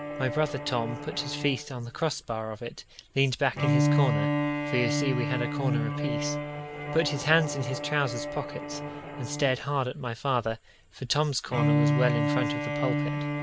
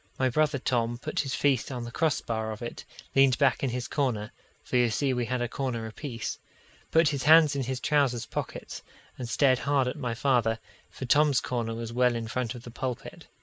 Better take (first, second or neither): second